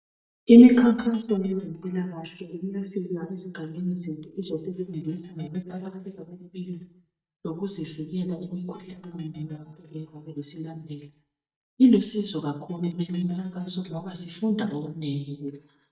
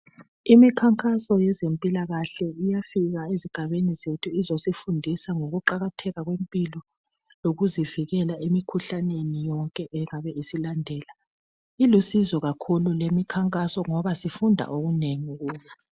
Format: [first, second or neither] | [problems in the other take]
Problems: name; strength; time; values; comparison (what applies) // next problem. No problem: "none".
second | noise reduction (neural mask model DeepFilterNet 3)